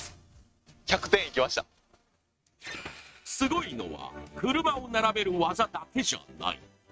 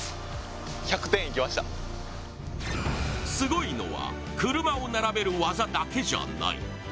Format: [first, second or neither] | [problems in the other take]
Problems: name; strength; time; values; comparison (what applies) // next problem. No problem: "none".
second | noise reduction (neural mask model RNNoise)